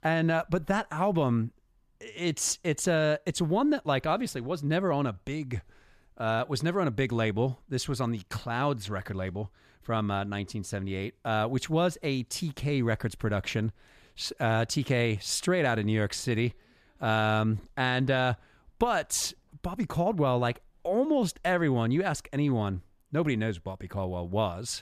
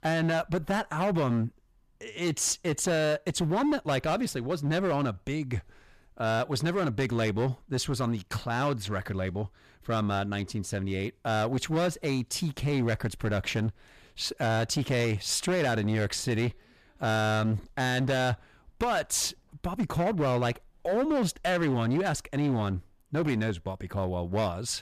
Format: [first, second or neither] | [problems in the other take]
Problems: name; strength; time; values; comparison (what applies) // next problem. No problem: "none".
first | distortion; slight; 11% of the sound clipped